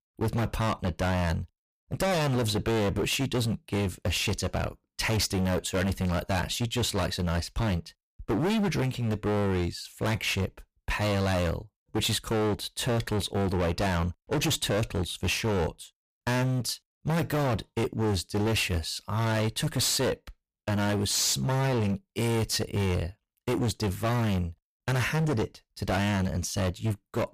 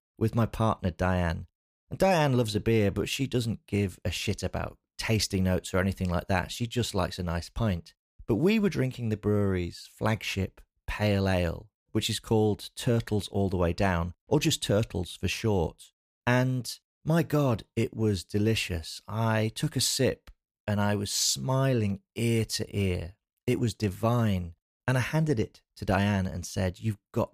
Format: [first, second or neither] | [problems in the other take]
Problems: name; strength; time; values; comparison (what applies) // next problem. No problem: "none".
second | distortion; heavy; 25% of the sound clipped